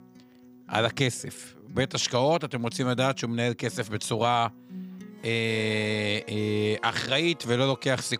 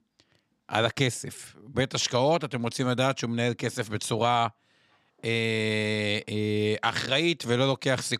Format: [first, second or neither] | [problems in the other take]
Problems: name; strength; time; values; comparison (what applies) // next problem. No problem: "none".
second | background music; noticeable; throughout; 20 dB below the speech